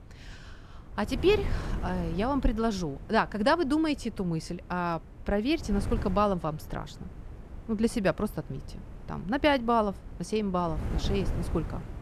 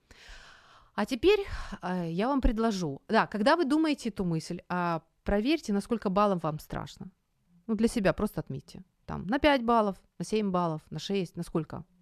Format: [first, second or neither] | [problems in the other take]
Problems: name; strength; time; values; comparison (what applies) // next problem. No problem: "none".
second | wind noise on the microphone; occasional gusts; 20 dB below the speech